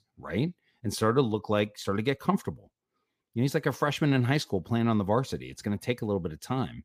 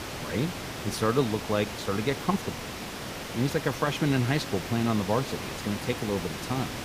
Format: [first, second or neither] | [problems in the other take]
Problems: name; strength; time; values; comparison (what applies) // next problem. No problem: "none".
first | hiss; loud; throughout; 6 dB below the speech